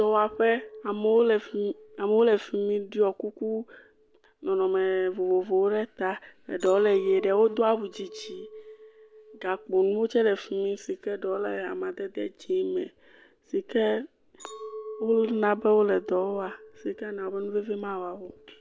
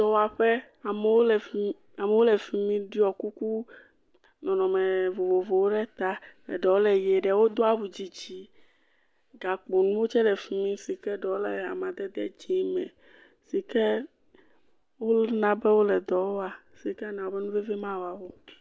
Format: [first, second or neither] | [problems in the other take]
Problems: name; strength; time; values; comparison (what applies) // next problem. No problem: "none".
second | background sound (Chink, clink); 19 dB below the speech